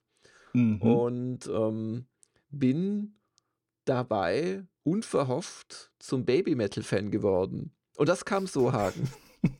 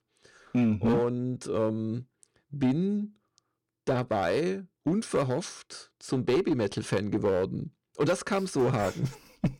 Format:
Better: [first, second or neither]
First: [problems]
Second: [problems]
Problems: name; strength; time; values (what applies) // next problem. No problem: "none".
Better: first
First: none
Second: distortion; slight; 5% of the sound clipped